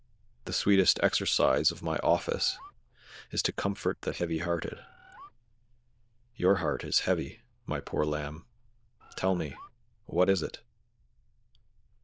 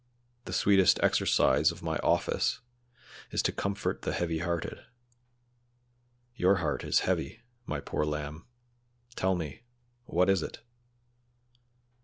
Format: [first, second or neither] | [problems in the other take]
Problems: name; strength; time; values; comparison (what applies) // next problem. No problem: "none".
second | noise reduction (neural diffusion model UNIVERSE++)